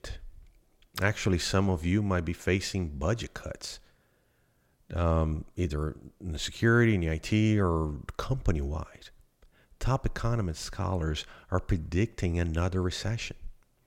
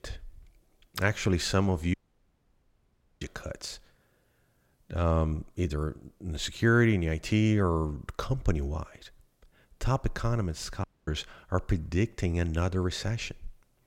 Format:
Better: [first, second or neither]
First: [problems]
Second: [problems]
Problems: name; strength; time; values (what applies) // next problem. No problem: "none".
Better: first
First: none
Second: audio cutting out; at 2 s for 1.5 s and at 11 s